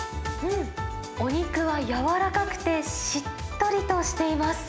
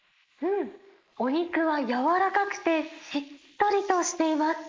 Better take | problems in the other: first | noise reduction (neural mask model Resemble Enhance denoiser)

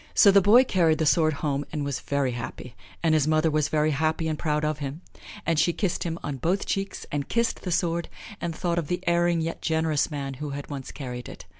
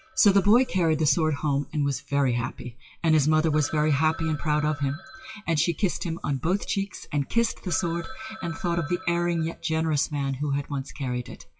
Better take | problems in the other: first | noise reduction (classical method WPE with log-MMSE)

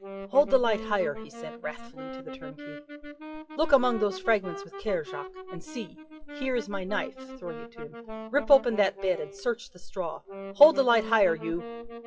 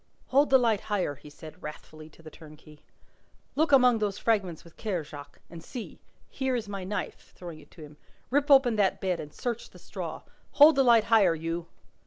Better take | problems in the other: second | noise reduction (classical method WPE with log-MMSE)

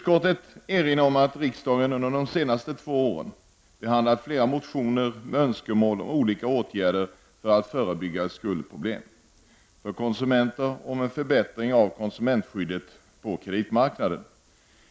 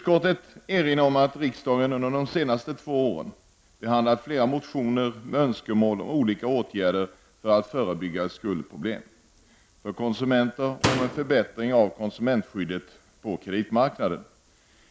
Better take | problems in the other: first | background sound (Slam); 4 dB below the speech

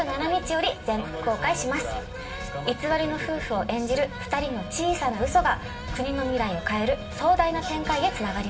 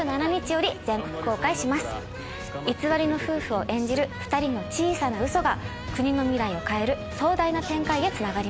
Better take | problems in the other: second | room echo; dies away in 0.2 s

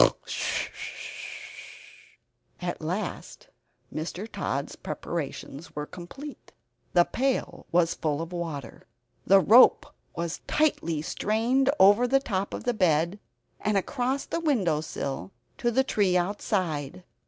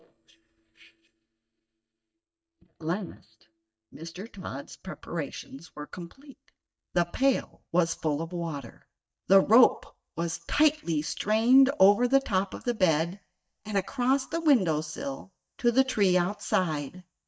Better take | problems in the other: first | noise reduction (neural mask model DeepFilterNet 3)

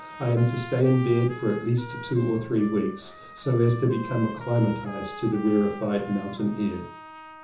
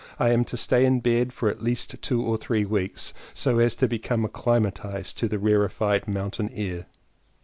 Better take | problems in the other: second | background sound (Trumpet); 15 dB below the speech // room echo; dies away in 0.6 s

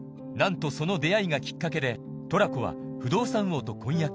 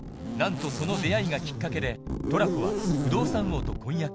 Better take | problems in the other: first | background sound (Zipper (clothing)); 1 dB below the speech

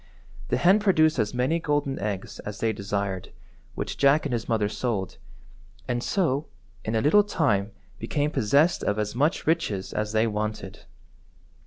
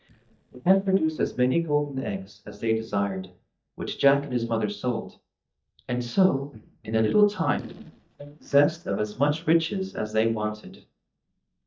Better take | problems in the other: first | noise reduction (neural mask model DeepFilterNet 3)

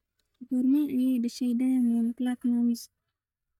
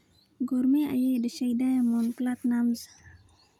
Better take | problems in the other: second | noise reduction (neural mask model DeepFilterNet 3)

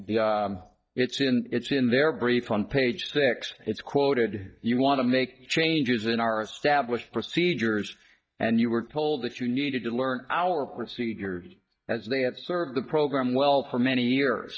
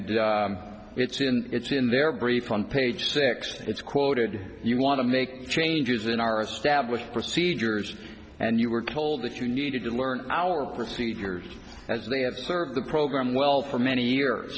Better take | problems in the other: second | noise reduction (neural mask model DeepFilterNet 3)

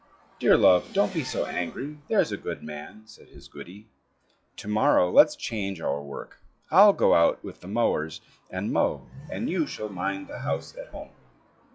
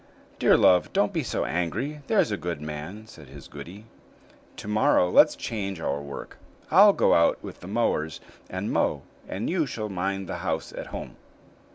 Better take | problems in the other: second | noise reduction (classical method log-MMSE)

